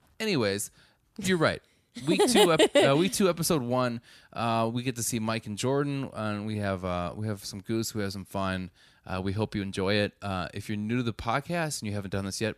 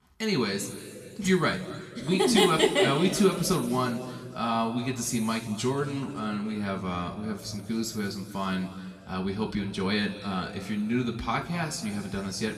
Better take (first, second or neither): first